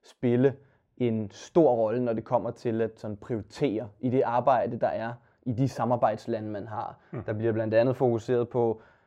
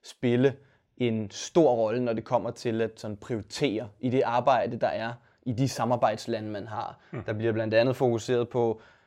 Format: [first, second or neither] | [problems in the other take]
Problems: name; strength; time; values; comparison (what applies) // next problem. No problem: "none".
second | muffled; slightly; fading above 2 kHz